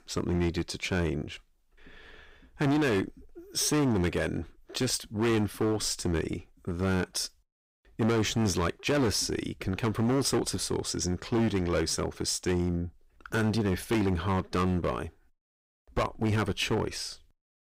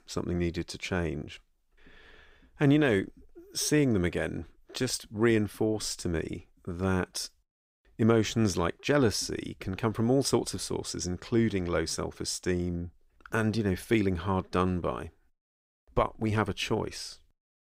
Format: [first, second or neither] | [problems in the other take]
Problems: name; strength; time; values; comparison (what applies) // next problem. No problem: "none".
second | distortion; heavy; 11% of the sound clipped